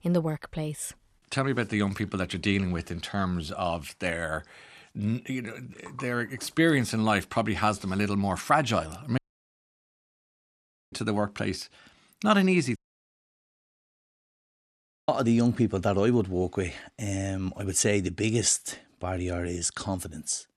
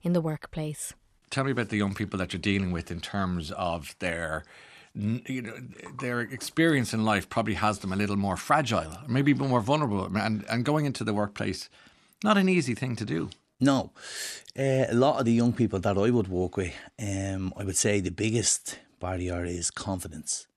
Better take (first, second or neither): second